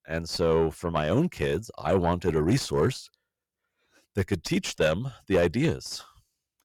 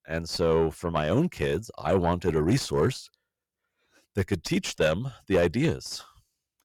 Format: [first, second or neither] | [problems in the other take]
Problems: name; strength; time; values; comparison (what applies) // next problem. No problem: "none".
neither | distortion; slight; 10 dB below the speech; the same in both